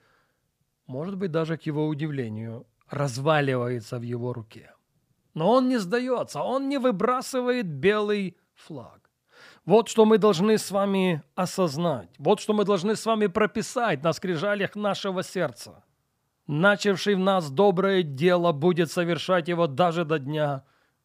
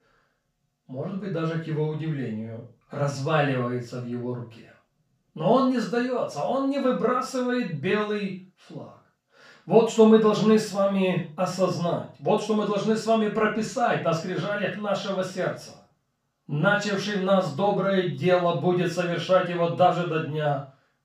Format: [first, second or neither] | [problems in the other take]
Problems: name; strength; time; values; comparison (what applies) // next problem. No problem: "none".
first | room echo; noticeable; dies away in 0.3 s // off-mic speech; far